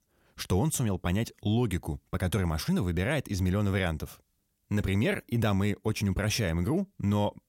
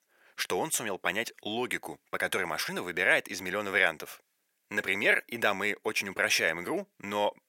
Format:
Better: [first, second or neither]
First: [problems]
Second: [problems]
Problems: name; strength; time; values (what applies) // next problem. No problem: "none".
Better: first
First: none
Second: thin; very; fading below 500 Hz